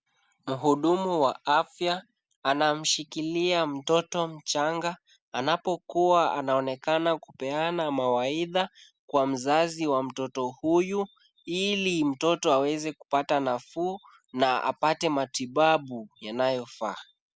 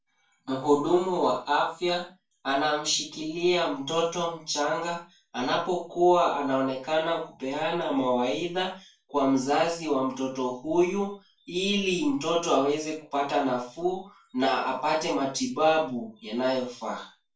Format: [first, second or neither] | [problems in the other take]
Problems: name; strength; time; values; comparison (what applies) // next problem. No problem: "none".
first | room echo; dies away in 0.3 s